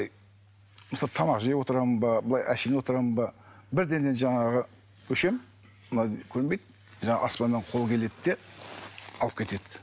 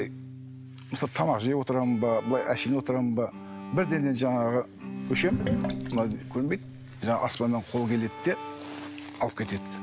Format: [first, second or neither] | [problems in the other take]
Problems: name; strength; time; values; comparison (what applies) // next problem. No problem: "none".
first | background sound (Bowed string instrument + Sink (filling or washing)); 9 dB below the speech